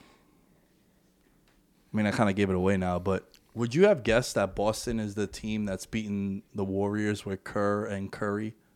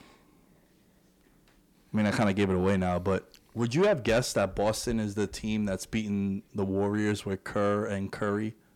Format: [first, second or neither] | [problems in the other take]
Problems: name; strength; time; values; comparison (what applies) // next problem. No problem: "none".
first | distortion; slight; 10 dB below the speech